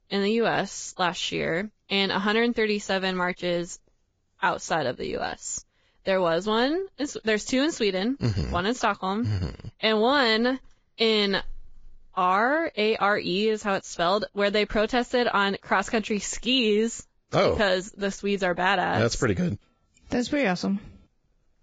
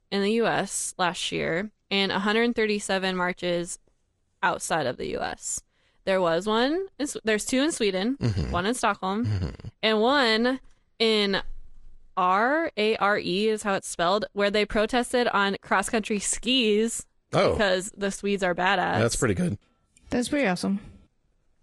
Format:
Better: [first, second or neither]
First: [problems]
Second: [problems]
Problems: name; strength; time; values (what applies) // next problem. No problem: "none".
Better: second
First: garbled, watery; badly; nothing above 7.5 kHz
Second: garbled, watery; slightly; nothing above 11 kHz